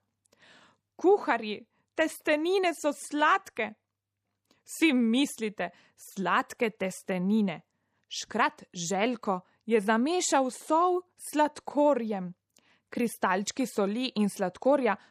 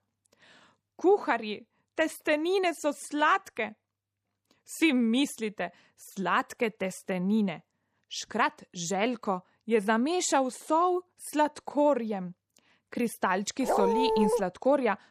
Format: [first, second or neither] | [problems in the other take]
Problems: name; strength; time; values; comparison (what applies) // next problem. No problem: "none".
first | dog barking; loud; at 14 s; peak 2 dB above the speech